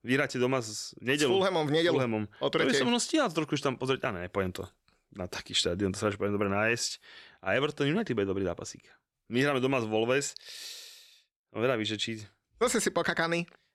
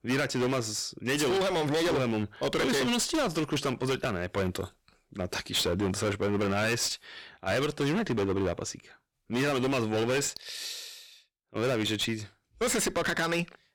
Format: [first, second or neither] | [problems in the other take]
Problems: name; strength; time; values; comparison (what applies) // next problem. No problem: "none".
first | distortion; heavy; 22% of the sound clipped